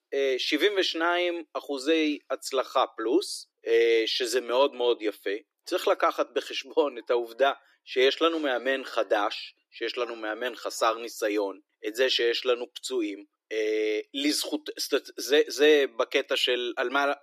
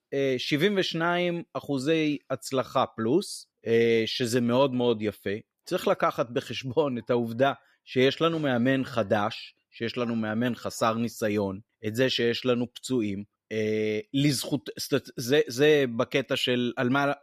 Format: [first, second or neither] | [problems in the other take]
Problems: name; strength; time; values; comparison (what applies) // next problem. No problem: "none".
second | thin; somewhat; fading below 300 Hz